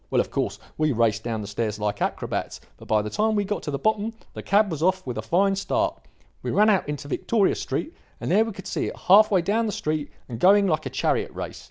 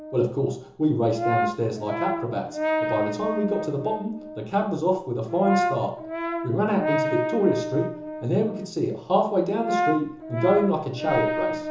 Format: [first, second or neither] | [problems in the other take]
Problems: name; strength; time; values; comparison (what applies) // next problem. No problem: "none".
first | background sound (Brass instrument); 4 dB below the speech // room echo; dies away in 0.6 s